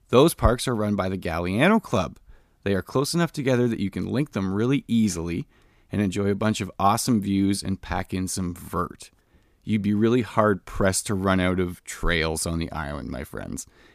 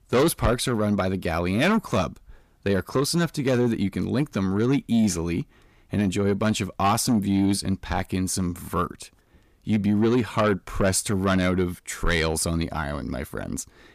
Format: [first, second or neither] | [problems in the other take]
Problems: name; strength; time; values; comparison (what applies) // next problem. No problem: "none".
first | distortion; slight; 10 dB below the speech